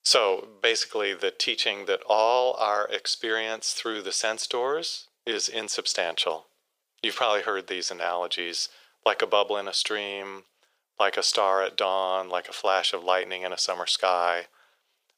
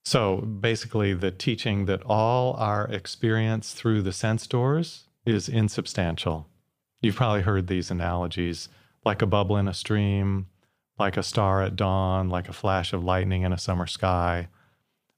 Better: second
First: thin; very; fading below 450 Hz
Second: none

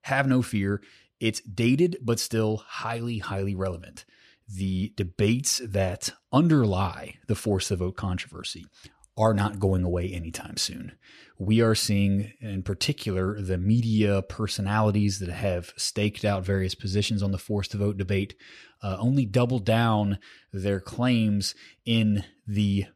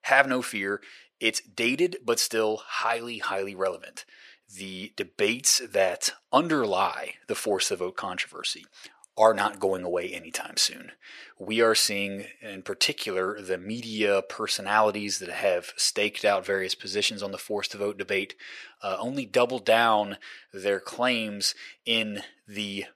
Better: first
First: none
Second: thin; very; fading below 550 Hz

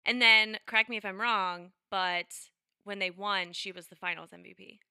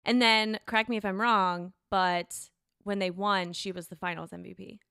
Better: second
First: thin; very slightly; fading below 350 Hz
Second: none

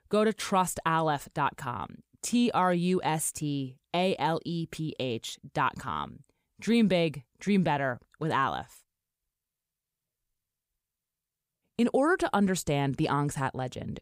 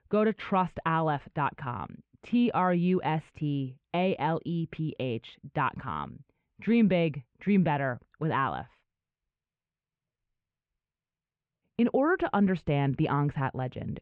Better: first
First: none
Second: muffled; very; fading above 2.5 kHz

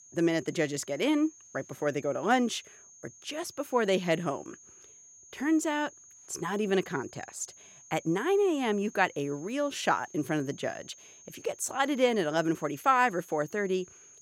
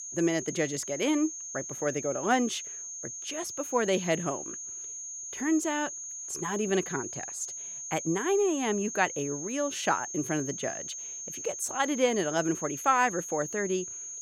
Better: first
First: high-pitched whine; faint; throughout; 6.5 kHz, 20 dB below the speech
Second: high-pitched whine; loud; throughout; 6.5 kHz, 6 dB below the speech

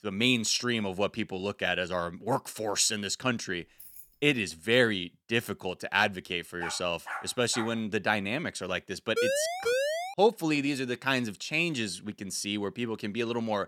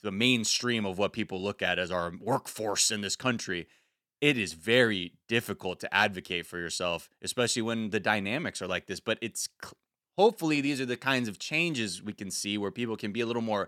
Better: second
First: jangling keys; faint; at 3.5 s; peak 15 dB below the speech // dog barking; noticeable; from 6.5 to 8 s; peak 10 dB below the speech // siren; loud; at 9 s; peak 1 dB above the speech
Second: none

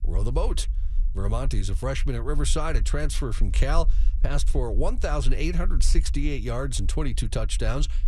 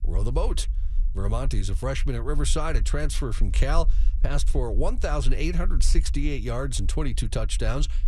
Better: neither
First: low rumble; faint; throughout; 20 dB below the speech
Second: low rumble; faint; throughout; 20 dB below the speech

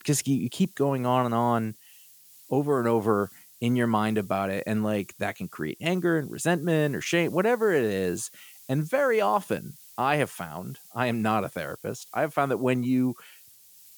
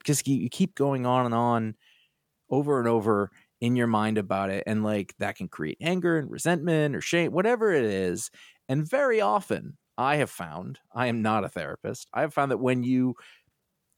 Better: second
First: hiss; faint; throughout; 20 dB below the speech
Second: none

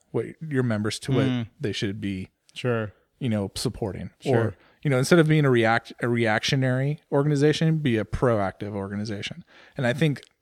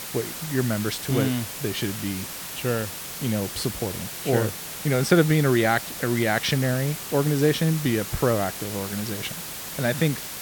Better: first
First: none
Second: hiss; loud; throughout; 7 dB below the speech

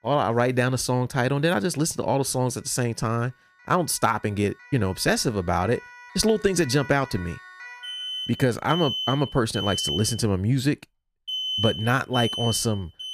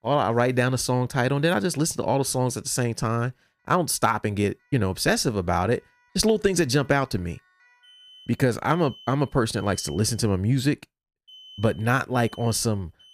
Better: second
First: alarms or sirens; loud; throughout; 7 dB below the speech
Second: alarms or sirens; faint; throughout; 25 dB below the speech

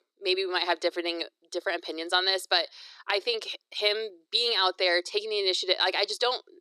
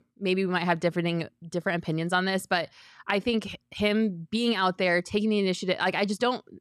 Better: second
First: thin; very; fading below 350 Hz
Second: none

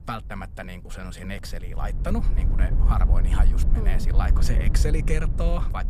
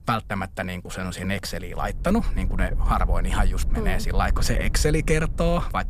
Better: second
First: wind noise on the microphone; heavy; 7 dB below the speech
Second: wind noise on the microphone; occasional gusts; 20 dB below the speech

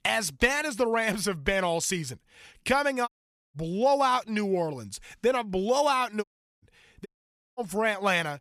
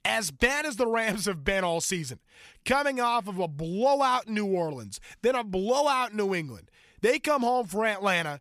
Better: second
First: audio cutting out; at 3 s, at 6 s and at 7 s for 0.5 s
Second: none

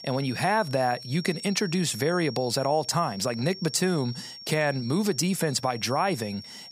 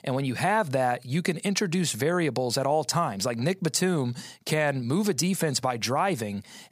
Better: second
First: high-pitched whine; noticeable; throughout; 5.5 kHz, 15 dB below the speech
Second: none

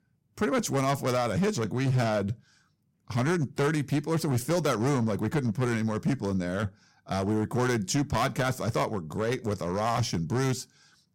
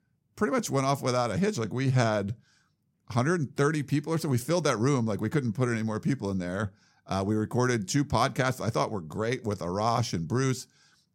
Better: second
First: distortion; slight; 9% of the sound clipped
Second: none

